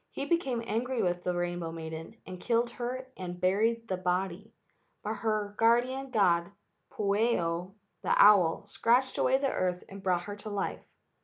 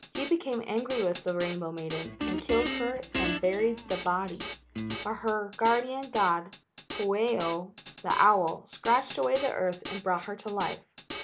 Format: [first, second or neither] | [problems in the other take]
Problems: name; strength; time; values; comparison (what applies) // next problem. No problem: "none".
first | background sound (Drum kit + Guitar); 9 dB below the speech